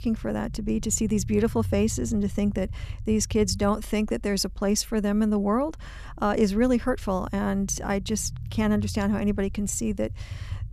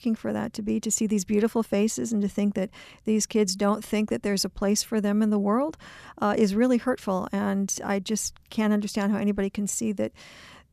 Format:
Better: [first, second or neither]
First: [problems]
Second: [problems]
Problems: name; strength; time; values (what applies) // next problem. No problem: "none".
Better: second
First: low rumble; faint; throughout; 25 dB below the speech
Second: none